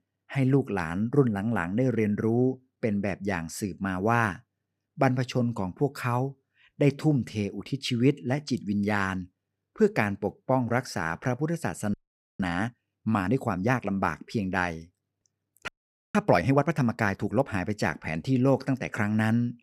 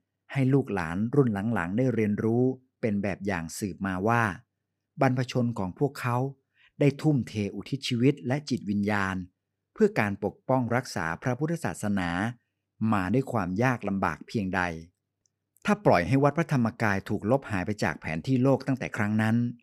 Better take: second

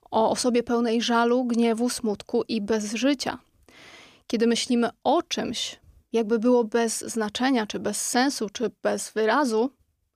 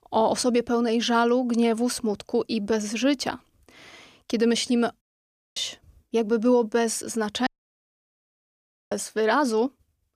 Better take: first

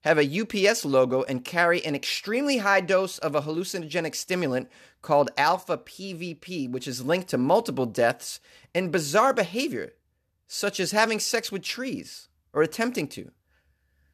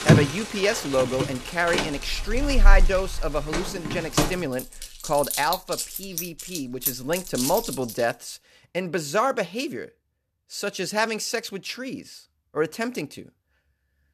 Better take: first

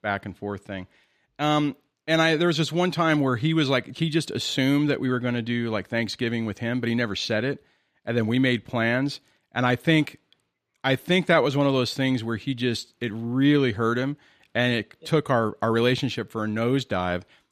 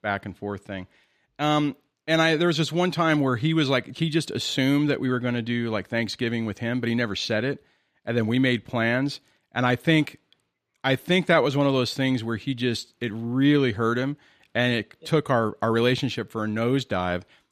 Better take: neither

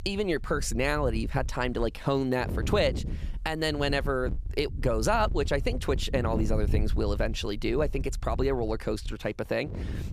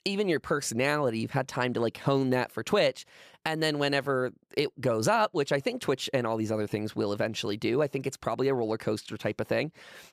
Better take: second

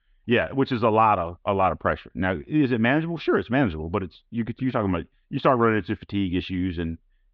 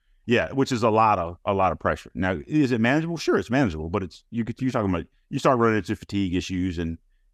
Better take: second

